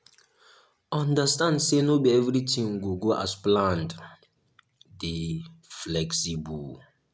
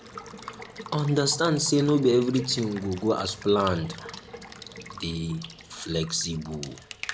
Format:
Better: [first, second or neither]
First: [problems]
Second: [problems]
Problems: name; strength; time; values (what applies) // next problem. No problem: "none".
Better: first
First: none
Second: background sound (Water tap, faucet / Water / Liquid); 15 dB below the speech